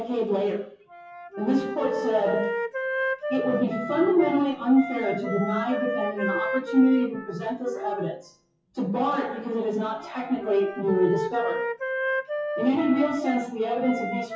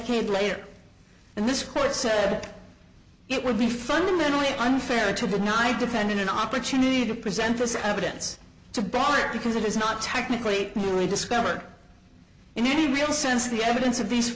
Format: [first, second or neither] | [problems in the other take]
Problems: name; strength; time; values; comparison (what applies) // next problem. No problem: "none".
second | noise reduction (classical method WPE with log-MMSE)